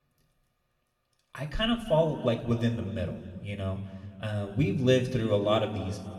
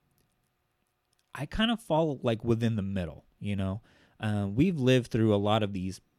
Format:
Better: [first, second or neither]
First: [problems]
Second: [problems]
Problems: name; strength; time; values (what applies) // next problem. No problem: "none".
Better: second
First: room echo; slight; dies away in 1.8 s // off-mic speech; somewhat distant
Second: none